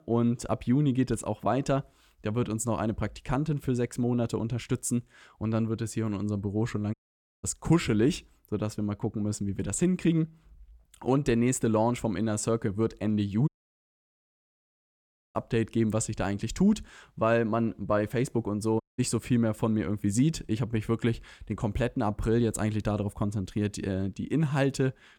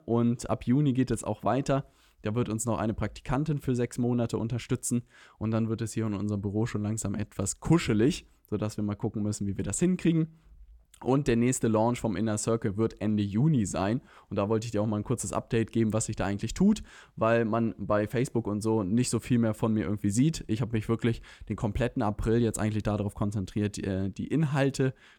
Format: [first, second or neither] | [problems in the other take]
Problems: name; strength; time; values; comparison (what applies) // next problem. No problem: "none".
second | audio cutting out; at 7 s, at 13 s for 2 s and at 19 s